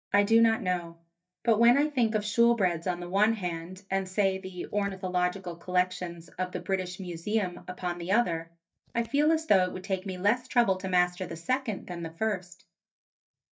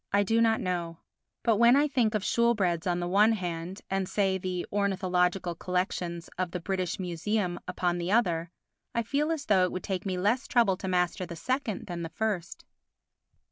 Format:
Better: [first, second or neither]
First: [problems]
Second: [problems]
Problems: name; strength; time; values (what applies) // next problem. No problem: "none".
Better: second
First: noise reduction (neural mask model DeepFilterNet 3)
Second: none